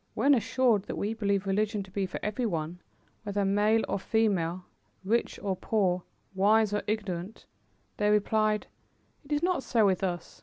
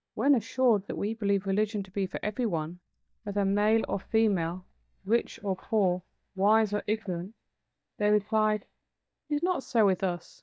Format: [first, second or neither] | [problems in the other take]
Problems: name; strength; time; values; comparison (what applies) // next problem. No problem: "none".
first | noise reduction (neural mask model DeepFilterNet 3)